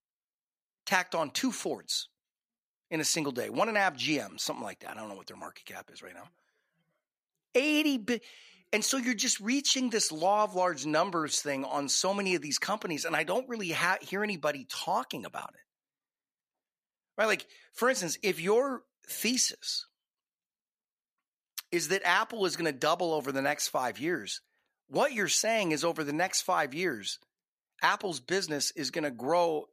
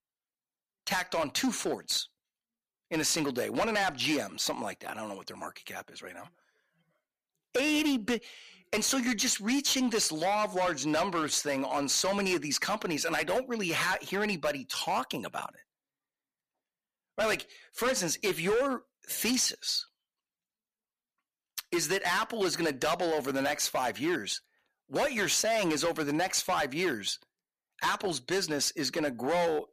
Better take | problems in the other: first | distortion; heavy; 9% of the sound clipped

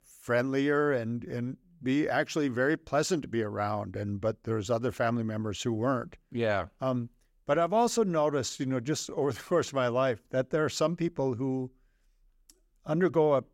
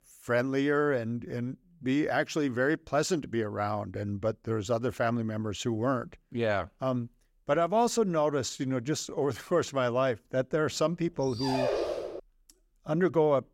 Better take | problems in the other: first | dog barking; noticeable; at 11 s; peak level with the speech

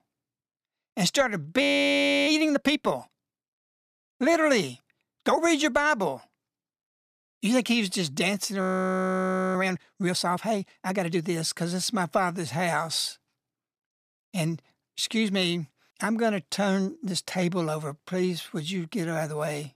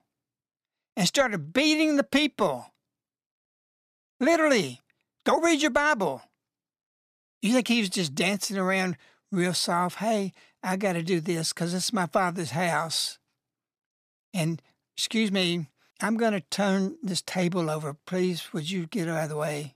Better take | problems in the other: second | audio freezing; at 1.5 s for 0.5 s and at 8.5 s for 1 s

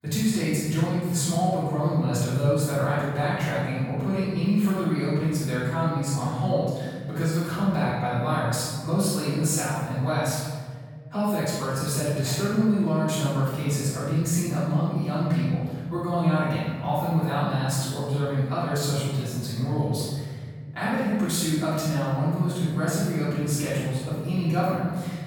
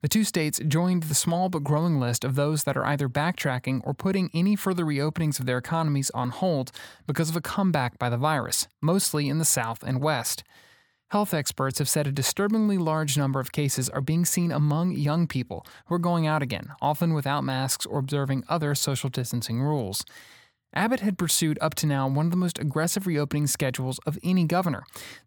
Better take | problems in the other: second | off-mic speech; far // room echo; strong; dies away in 1.7 s

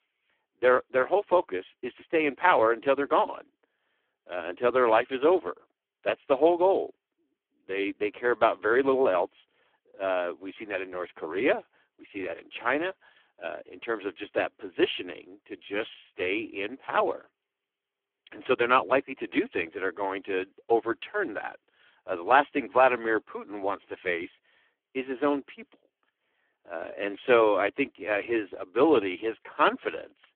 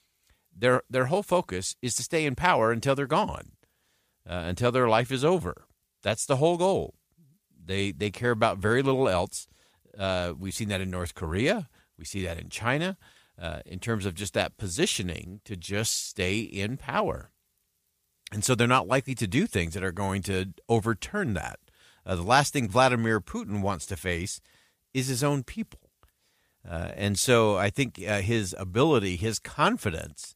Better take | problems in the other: second | phone-call audio; poor line

